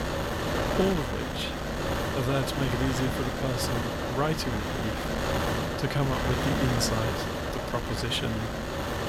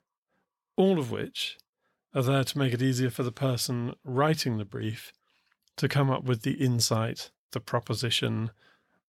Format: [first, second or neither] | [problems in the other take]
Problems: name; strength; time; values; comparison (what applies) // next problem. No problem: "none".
second | wind noise on the microphone; heavy; 3 dB above the speech